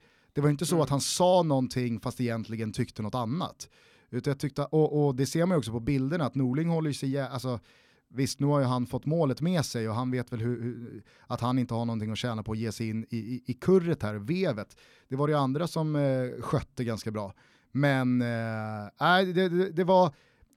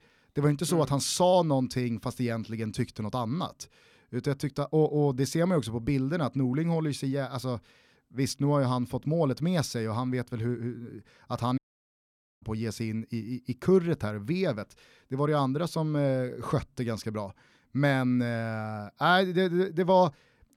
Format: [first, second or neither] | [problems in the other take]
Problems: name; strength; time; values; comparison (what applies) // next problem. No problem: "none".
first | audio cutting out; at 12 s for 1 s